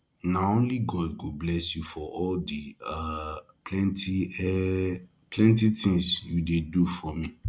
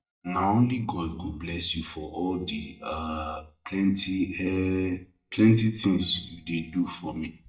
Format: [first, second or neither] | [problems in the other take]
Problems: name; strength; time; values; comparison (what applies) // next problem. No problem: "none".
first | noise reduction (neural mask model DeepFilterNet 3)